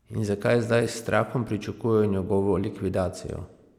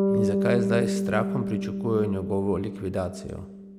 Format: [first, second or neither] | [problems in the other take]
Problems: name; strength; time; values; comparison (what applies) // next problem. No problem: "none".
first | background sound (Bass guitar); 1 dB above the speech